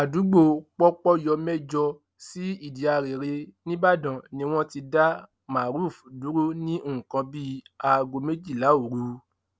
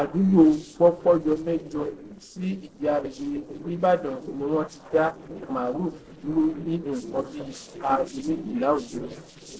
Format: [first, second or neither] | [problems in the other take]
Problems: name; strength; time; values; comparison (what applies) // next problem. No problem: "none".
first | noise reduction (neural separator model SepFormer DNS4)